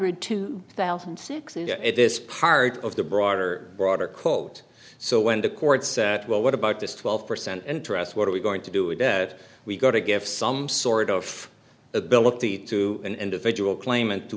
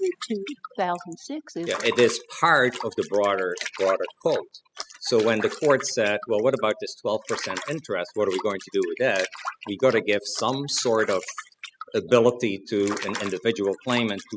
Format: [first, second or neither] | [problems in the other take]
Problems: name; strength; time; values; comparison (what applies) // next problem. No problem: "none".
first | noise reduction (classical method spectral subtraction)